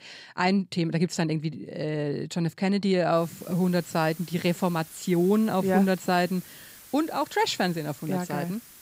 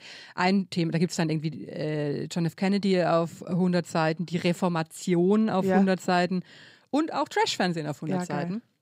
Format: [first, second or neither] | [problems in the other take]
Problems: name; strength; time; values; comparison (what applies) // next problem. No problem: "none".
second | hiss; noticeable; from 3 s on; 20 dB below the speech